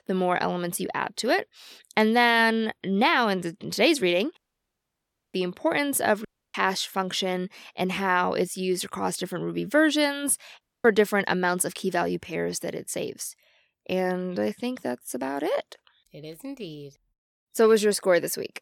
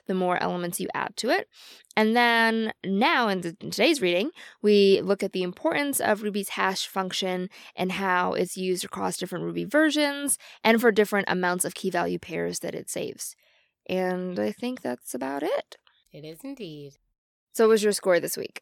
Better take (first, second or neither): second